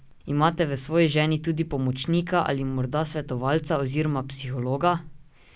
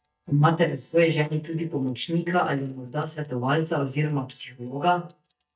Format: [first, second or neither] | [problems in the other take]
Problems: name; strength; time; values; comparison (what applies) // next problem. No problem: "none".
first | noise reduction (neural mask model DeepFilterNet 3)